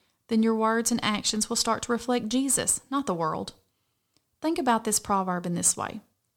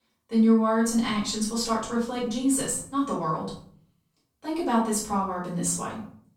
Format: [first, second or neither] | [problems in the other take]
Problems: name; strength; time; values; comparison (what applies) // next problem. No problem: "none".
first | off-mic speech; far // room echo; noticeable; dies away in 0.5 s